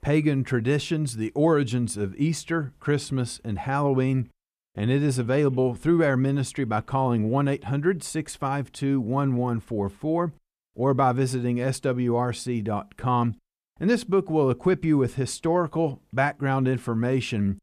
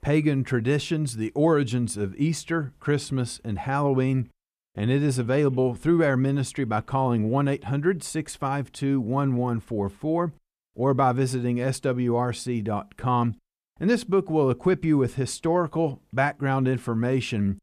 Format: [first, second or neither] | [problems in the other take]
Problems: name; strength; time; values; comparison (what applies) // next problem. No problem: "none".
neither | none